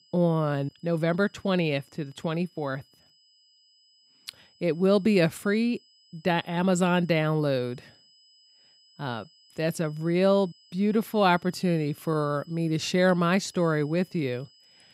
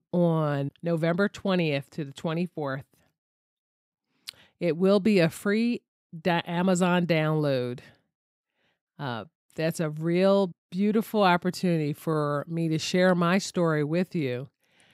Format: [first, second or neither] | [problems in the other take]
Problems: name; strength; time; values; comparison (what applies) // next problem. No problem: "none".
second | high-pitched whine; faint; throughout; 5 kHz, 30 dB below the speech